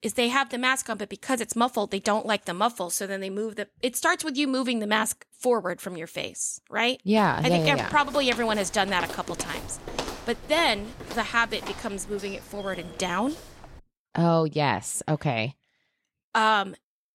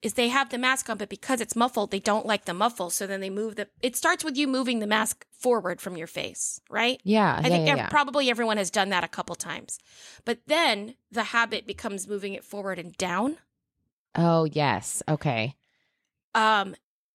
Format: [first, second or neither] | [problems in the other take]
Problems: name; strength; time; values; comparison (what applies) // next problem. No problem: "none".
second | footsteps; noticeable; from 7 to 14 s; peak 7 dB below the speech